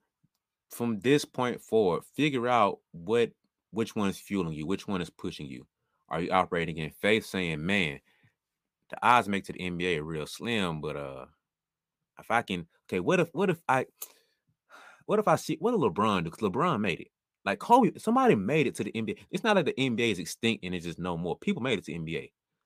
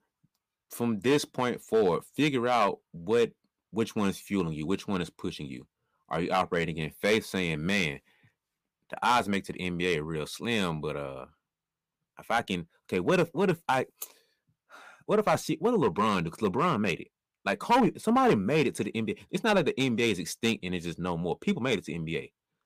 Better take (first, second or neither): first